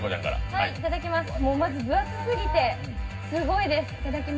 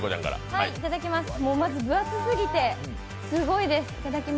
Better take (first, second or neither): second